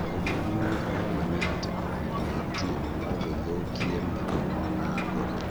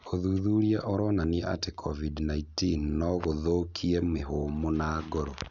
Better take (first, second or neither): second